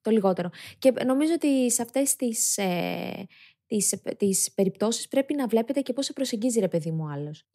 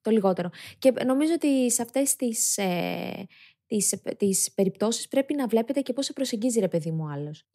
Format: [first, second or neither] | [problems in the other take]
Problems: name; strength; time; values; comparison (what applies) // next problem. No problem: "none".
neither | none